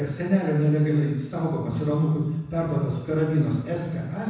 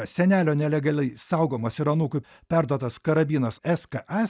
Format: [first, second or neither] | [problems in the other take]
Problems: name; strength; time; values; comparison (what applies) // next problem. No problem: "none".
second | room echo; dies away in 1.1 s